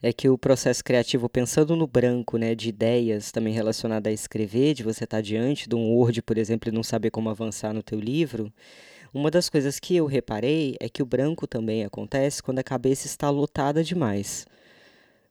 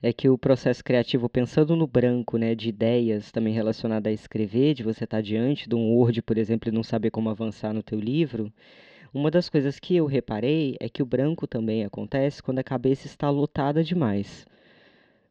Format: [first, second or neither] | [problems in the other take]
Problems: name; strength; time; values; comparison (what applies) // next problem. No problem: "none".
first | muffled; slightly; fading above 4 kHz